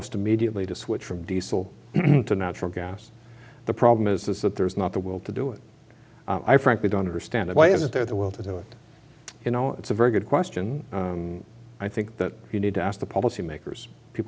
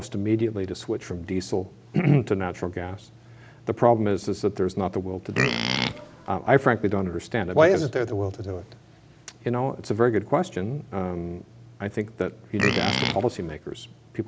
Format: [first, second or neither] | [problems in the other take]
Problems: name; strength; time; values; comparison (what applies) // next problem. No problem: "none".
first | background sound (Livestock, farm animals, working animals); 1 dB below the speech